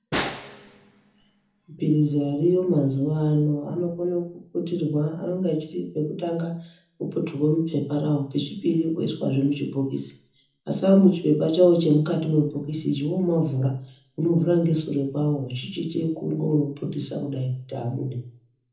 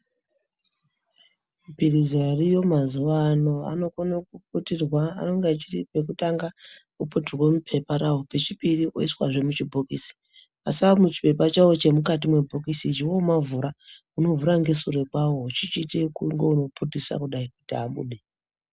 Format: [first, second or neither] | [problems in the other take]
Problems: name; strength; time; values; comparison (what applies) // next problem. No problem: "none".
second | background sound (Snare drum); 12 dB below the speech // room echo; dies away in 0.6 s